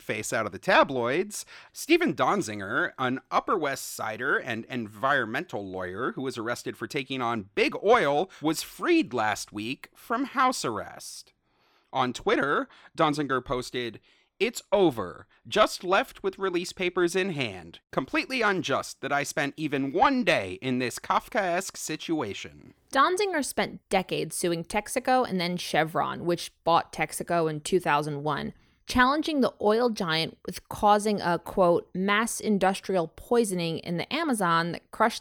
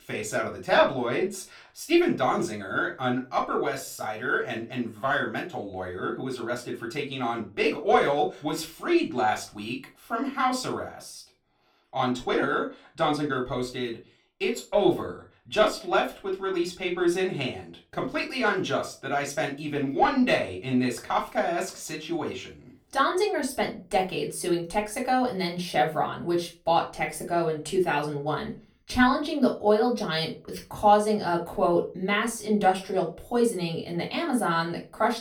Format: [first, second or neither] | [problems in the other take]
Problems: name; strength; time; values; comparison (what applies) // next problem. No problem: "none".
first | off-mic speech; far // room echo; very slight; dies away in 0.2 s